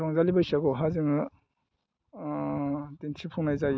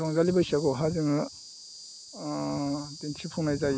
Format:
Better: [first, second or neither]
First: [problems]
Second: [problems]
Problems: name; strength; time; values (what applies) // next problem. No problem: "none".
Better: first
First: none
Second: background sound (Insect); 17 dB below the speech